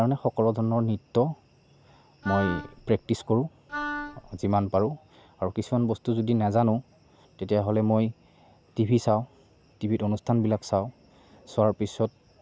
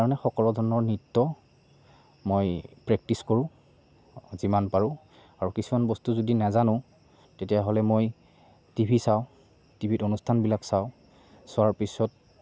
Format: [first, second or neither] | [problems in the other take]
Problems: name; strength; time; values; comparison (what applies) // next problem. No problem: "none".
second | background sound (Wind instrument, woodwind instrument); 9 dB below the speech